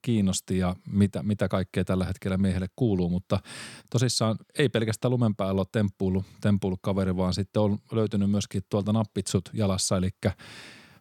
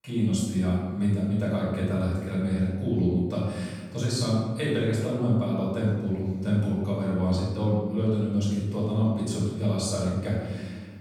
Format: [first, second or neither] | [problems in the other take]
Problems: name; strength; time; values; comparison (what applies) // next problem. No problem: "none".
first | off-mic speech; far // room echo; strong; dies away in 1.3 s